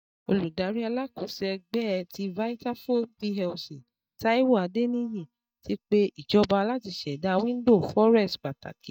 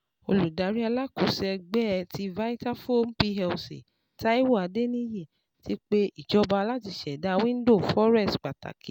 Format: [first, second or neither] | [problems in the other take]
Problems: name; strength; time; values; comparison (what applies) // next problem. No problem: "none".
second | noise reduction (neural mask model DeepFilterNet 3)